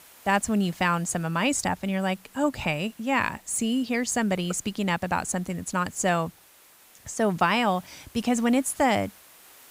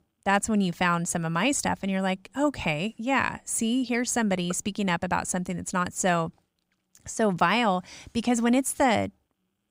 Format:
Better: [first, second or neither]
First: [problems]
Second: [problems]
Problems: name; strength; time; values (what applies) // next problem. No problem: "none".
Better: second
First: hiss; faint; throughout; 25 dB below the speech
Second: none